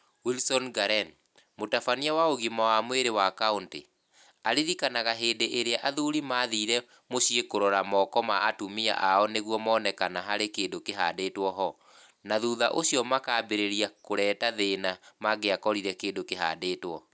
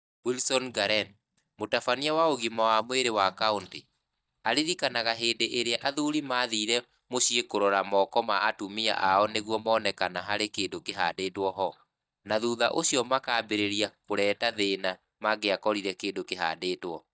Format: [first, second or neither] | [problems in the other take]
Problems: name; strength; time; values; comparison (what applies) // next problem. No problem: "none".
first | noise reduction (neural mask model DeepFilterNet 3)